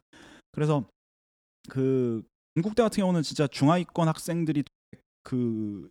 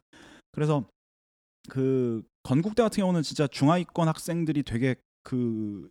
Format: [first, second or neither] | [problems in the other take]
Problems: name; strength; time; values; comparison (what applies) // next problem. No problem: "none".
second | audio cutting out; at 2.5 s and at 4.5 s